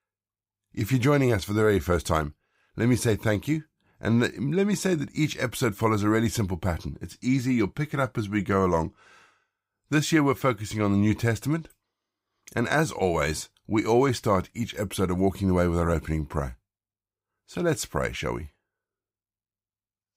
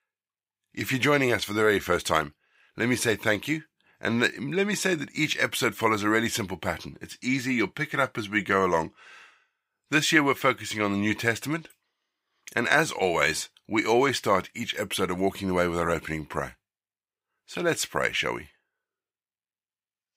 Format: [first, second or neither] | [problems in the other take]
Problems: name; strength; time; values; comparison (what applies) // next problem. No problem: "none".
first | thin; very slightly; fading below 750 Hz